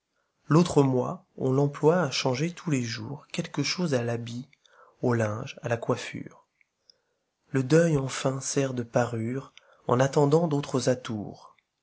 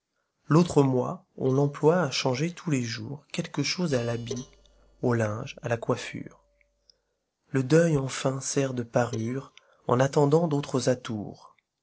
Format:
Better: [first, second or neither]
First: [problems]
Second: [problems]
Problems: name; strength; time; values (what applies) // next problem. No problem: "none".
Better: first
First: none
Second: noise reduction (neural separator model SepFormer DNS4)